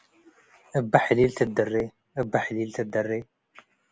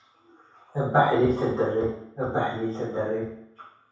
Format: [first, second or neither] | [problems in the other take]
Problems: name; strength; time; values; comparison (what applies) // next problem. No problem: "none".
first | room echo; dies away in 0.7 s